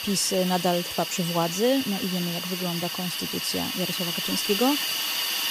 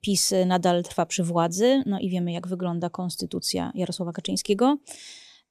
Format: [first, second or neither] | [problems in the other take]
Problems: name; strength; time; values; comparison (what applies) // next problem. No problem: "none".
second | hiss; loud; throughout; 1 dB below the speech